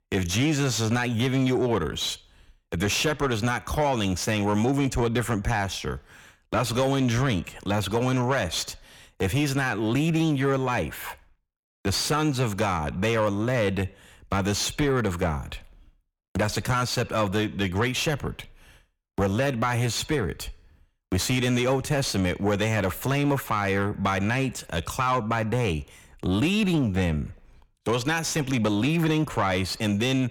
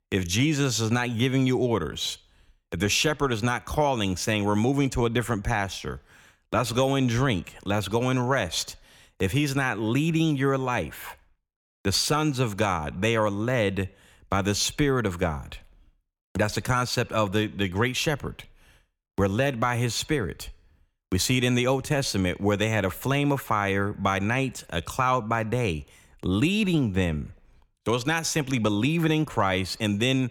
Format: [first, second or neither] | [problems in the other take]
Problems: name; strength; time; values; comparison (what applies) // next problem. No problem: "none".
second | distortion; slight; 10 dB below the speech